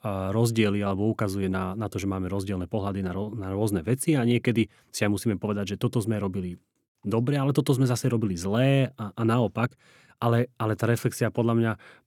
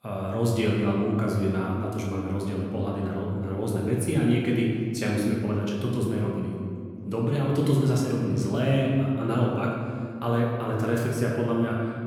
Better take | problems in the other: first | room echo; noticeable; dies away in 2 s // off-mic speech; far

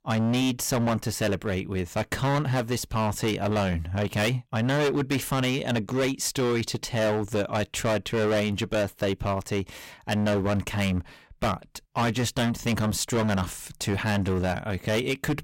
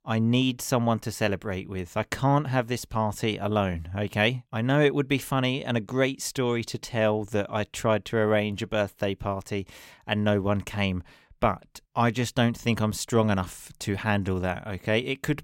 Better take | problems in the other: second | distortion; heavy; 17% of the sound clipped

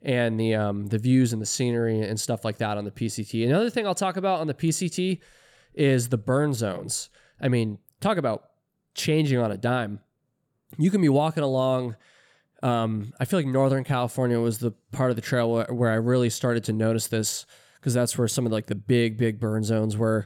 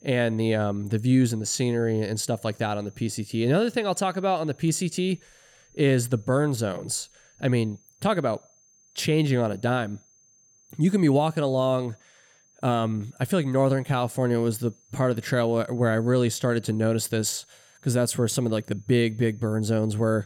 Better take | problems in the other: first | high-pitched whine; faint; throughout; 6.5 kHz, 30 dB below the speech

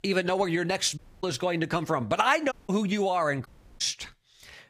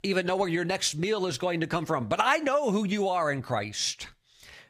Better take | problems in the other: second | audio cutting out; at 1 s, at 2.5 s and at 3.5 s

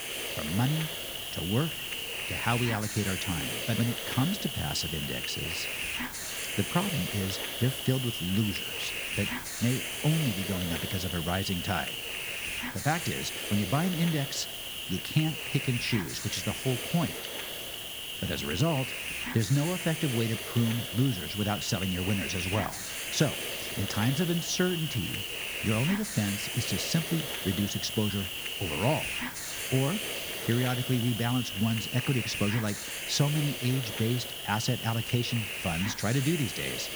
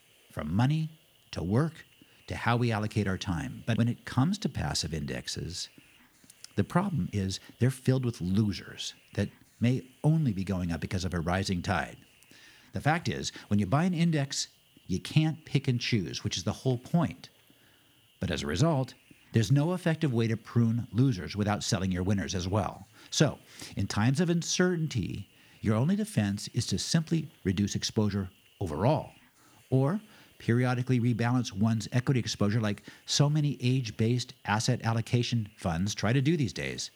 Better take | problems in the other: second | hiss; loud; throughout; 2 dB below the speech; faint in the second

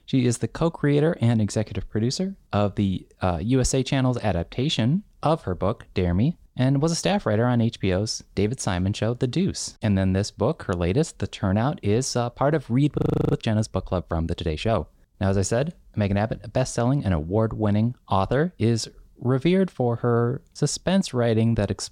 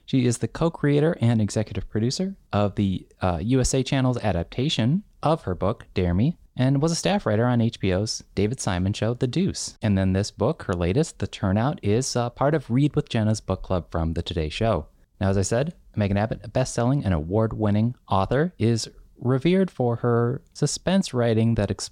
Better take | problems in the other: second | audio freezing; at 13 s

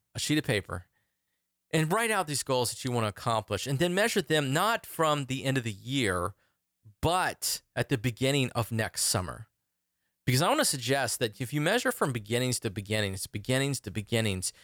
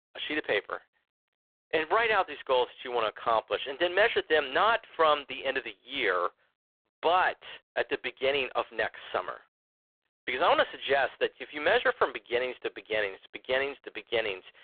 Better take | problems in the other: first | phone-call audio; poor line

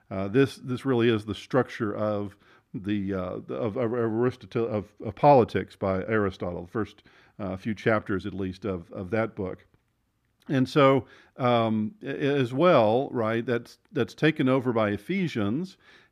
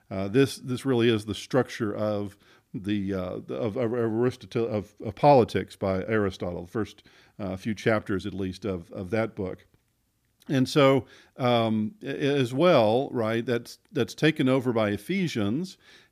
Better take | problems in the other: second | muffled; very slightly; fading above 4 kHz

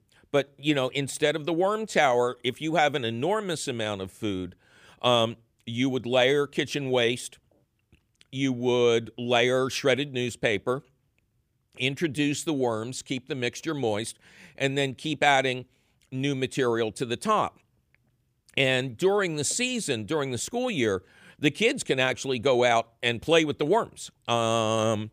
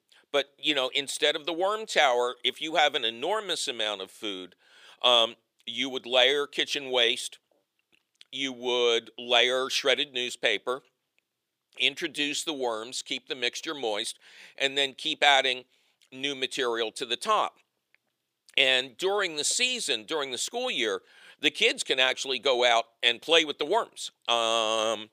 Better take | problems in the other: first | thin; somewhat; fading below 450 Hz

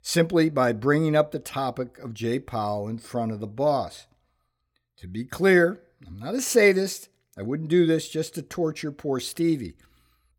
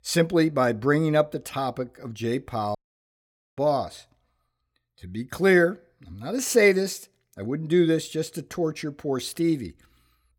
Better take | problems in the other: first | audio cutting out; at 3 s for 1 s

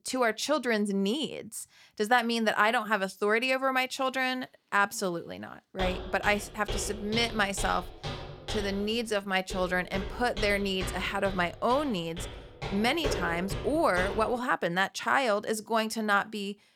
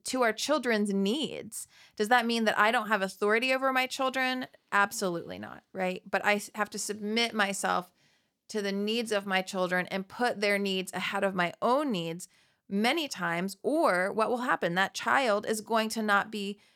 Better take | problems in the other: second | footsteps; noticeable; from 6 to 14 s; peak 4 dB below the speech

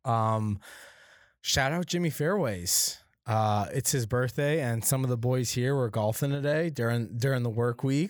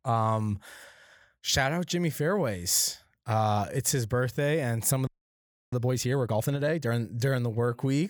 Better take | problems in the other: first | audio freezing; at 5 s for 0.5 s

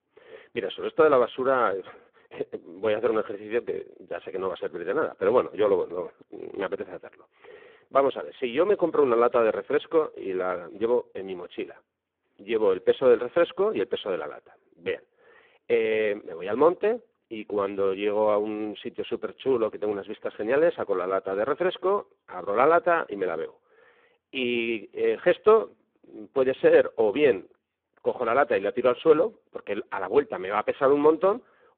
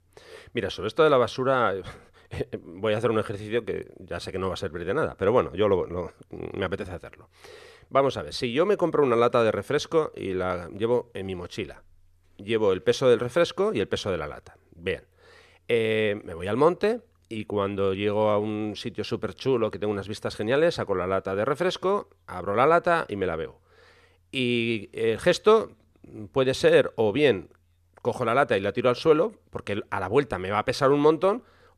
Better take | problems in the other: second | phone-call audio; poor line

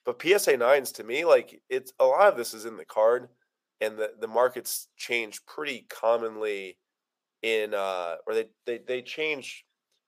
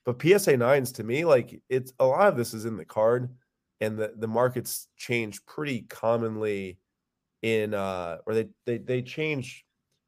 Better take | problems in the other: second | thin; very; fading below 550 Hz

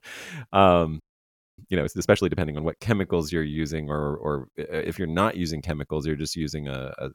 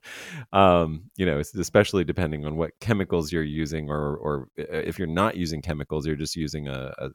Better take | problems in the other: second | audio freezing; at 1 s for 0.5 s

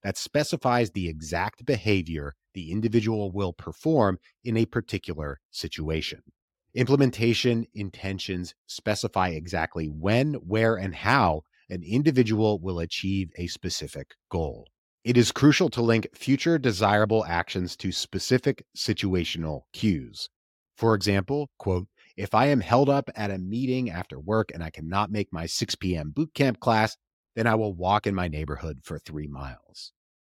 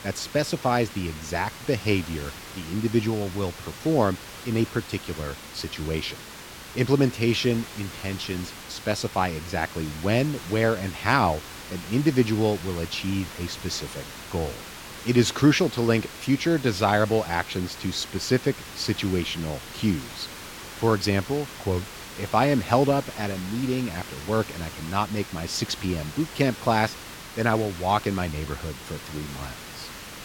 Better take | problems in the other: first | hiss; noticeable; throughout; 15 dB below the speech

